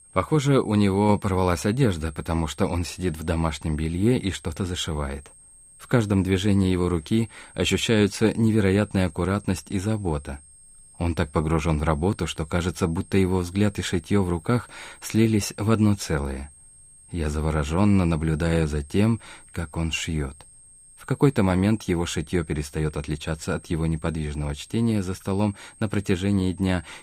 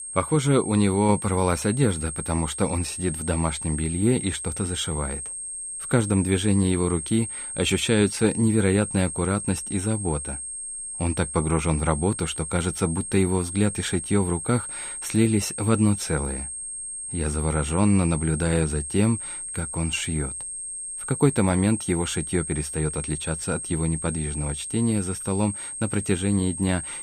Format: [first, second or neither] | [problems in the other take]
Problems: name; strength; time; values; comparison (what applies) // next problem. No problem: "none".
first | high-pitched whine; loud; throughout; 8.5 kHz, 6 dB below the speech; faint in the first